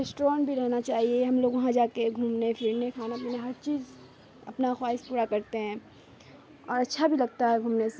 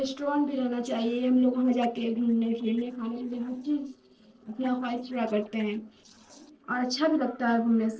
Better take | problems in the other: first | noise reduction (neural separator model SepFormer DNS4)

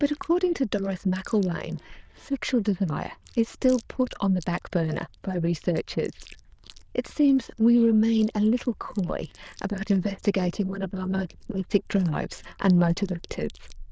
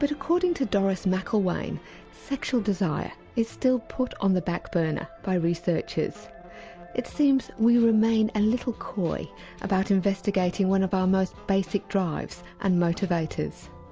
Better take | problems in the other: second | noise reduction (neural diffusion model UNIVERSE++)

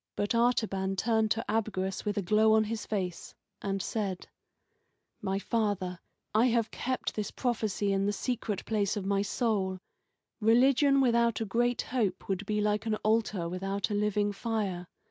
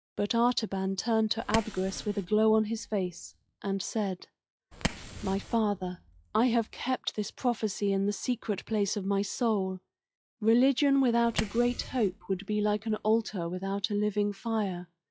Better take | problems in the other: first | noise reduction (classical method log-MMSE)

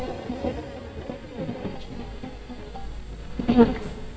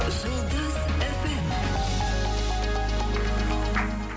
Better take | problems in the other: second | noise reduction (neural mask model DeepFilterNet 3)

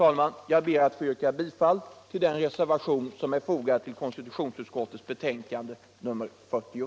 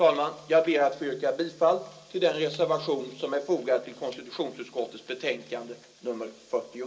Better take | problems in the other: first | room echo; dies away in 0.2 s

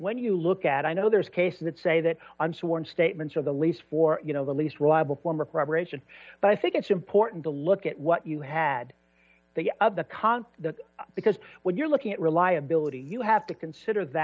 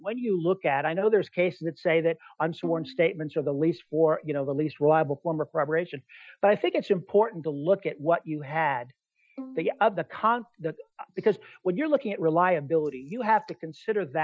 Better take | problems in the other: first | noise reduction (classical method Wiener filter)

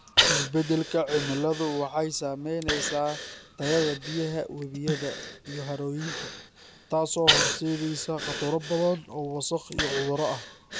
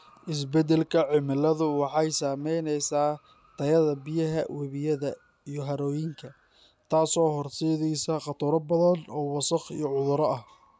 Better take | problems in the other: second | background sound (Breathing); 3 dB below the speech

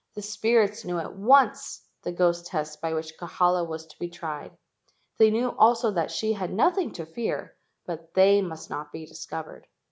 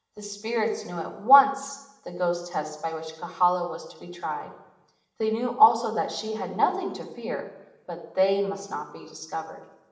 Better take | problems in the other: first | room echo; dies away in 0.9 s

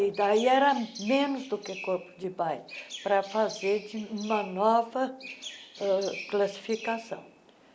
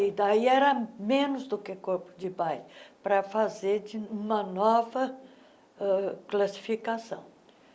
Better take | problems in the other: second | background sound (Chirp, tweet); 16 dB below the speech

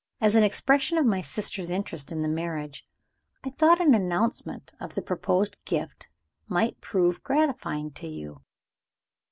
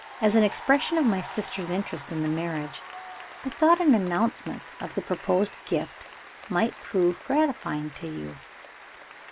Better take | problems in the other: first | background sound (Applause / Cheering); 15 dB below the speech

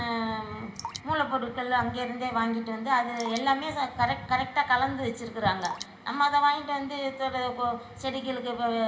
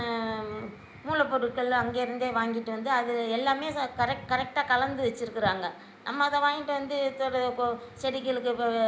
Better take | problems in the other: second | background sound (Drip); 18 dB below the speech // room echo; dies away in 1.4 s

